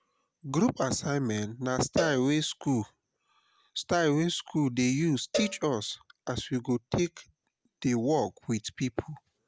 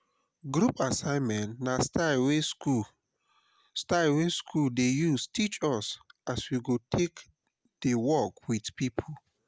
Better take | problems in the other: second | background sound (Cowbell); 10 dB below the speech

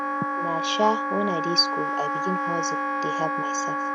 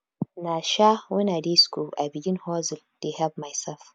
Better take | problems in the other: second | background sound (Wind instrument, woodwind instrument); 2 dB above the speech

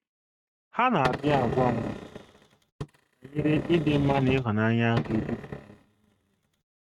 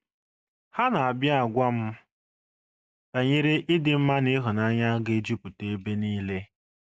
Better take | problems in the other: second | noise reduction (neural mask model RNNoise)

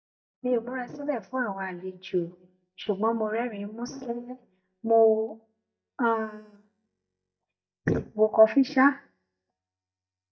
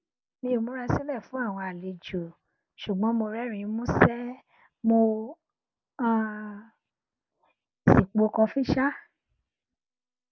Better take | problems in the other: second | noise reduction (neural mask model DeepFilterNet 3)

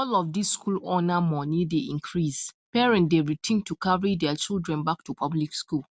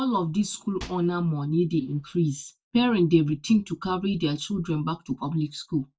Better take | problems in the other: first | noise reduction (neural mask model DeepFilterNet 3)

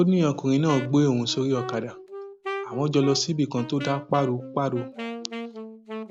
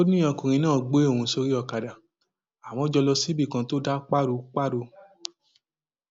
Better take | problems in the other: second | background sound (Wind instrument, woodwind instrument); 12 dB below the speech

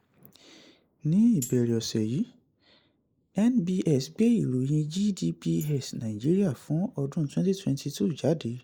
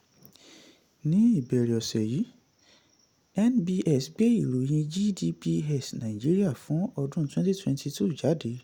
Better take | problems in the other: second | noise reduction (neural mask model Resemble Enhance denoiser)

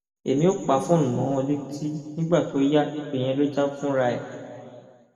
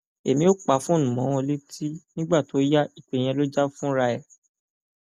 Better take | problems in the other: second | room echo; dies away in 2.1 s

